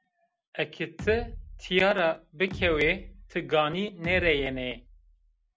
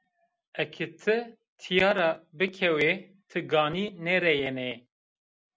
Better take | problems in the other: second | background sound (Bass drum); 12 dB below the speech

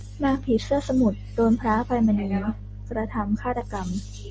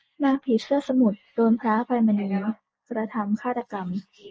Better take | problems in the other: first | noise reduction (neural mask model Resemble Enhance denoiser)

